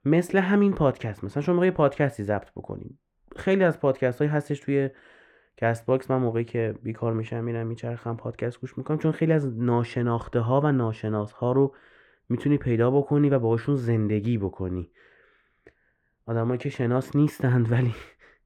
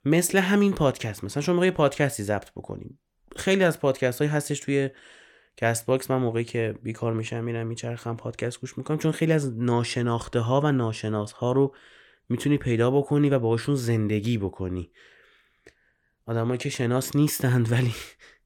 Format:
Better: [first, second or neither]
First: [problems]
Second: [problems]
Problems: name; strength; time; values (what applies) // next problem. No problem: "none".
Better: second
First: muffled; very; fading above 3 kHz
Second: none